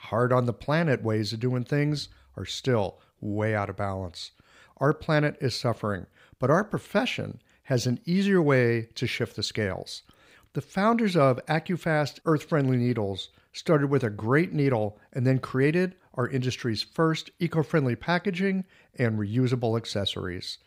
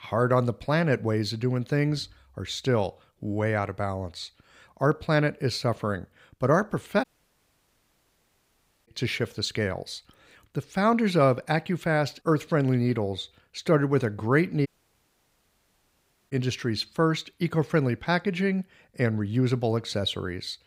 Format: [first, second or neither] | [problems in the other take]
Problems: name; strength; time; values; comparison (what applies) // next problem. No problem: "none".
first | audio cutting out; at 7 s for 2 s and at 15 s for 1.5 s